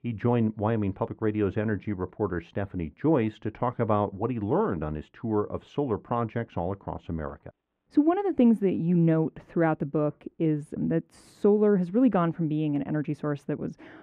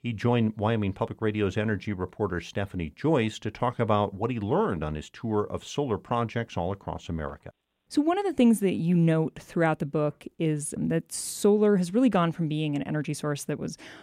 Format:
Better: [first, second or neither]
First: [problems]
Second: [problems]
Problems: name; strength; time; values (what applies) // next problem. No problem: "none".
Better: second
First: muffled; very; fading above 3.5 kHz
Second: none